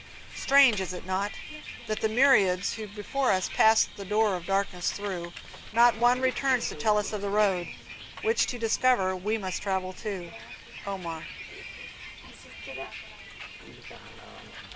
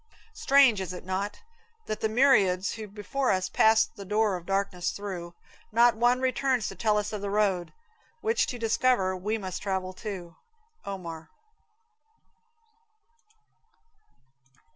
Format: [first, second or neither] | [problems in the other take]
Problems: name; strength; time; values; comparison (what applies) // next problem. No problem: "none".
second | background sound (Bus); 13 dB below the speech